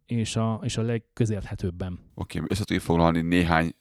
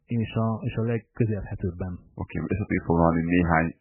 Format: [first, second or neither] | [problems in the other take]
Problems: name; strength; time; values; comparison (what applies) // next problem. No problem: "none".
first | garbled, watery; badly; nothing above 3 kHz